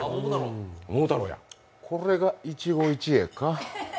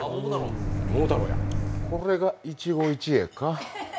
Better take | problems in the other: first | background sound (Microwave oven); 1 dB above the speech

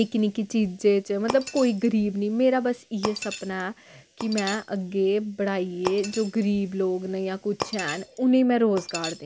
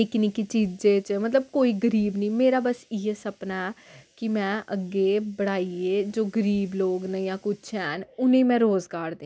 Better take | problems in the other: second | background sound (Shatter); 14 dB below the speech

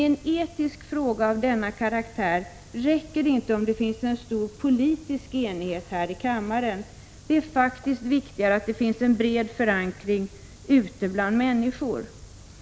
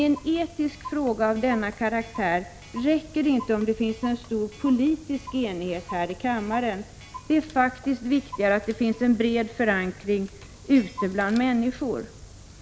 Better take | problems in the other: first | background sound (Clock); 20 dB below the speech

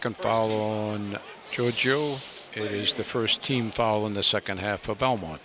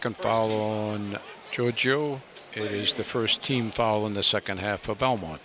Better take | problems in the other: second | background sound (Fire); 16 dB below the speech

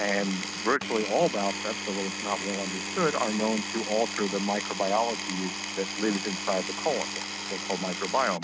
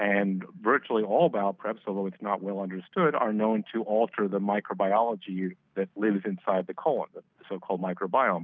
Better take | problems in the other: second | background sound (Power tool); 5 dB below the speech

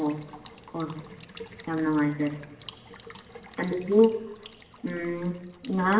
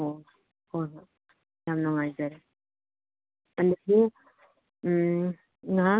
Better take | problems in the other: second | background sound (Water tap, faucet / Water / Liquid); 19 dB below the speech // room echo; dies away in 0.8 s

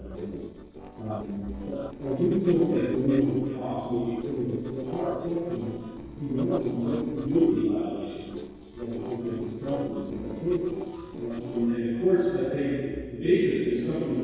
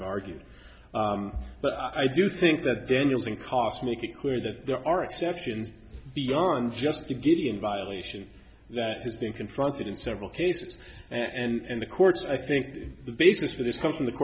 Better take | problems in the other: second | noise reduction (neural separator model SepFormer DNS4)

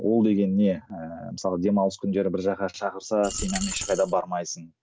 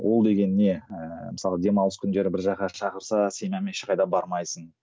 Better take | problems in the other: second | background sound (Coin (dropping)); 8 dB below the speech

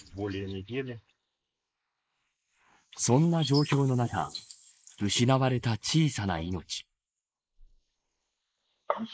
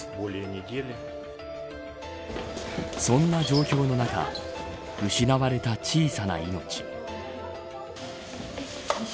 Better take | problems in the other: second | noise reduction (neural mask model Resemble Enhance denoiser)

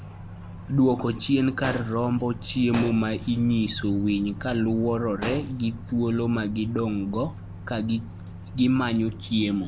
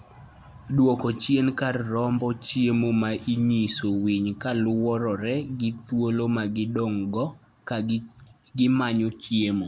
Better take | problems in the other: second | background sound (Microwave oven + Explosion); 12 dB below the speech

